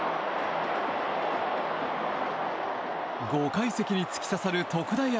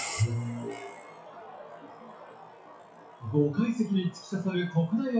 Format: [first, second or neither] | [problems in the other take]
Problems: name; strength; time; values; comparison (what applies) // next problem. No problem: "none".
first | noise reduction (classical method WPE with log-MMSE)